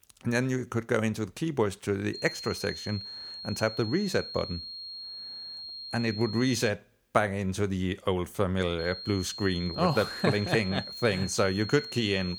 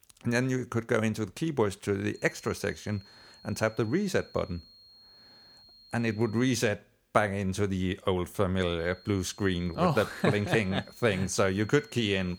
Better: second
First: high-pitched whine; loud; from 2 to 6.5 s and from 9 s on; 4 kHz, 9 dB below the speech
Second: high-pitched whine; faint; from 2 to 6.5 s and from 9 s on; 4 kHz, 25 dB below the speech

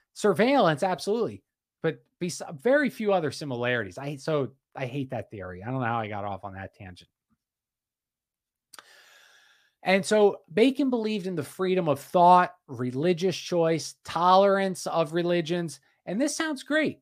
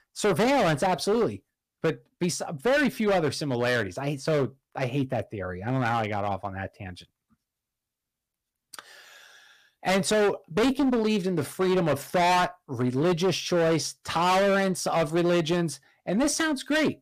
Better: first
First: none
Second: distortion; heavy; 15% of the sound clipped

